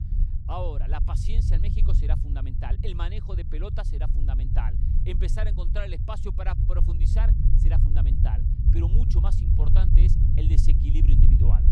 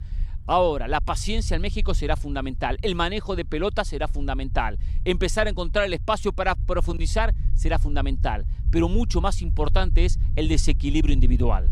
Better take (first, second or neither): second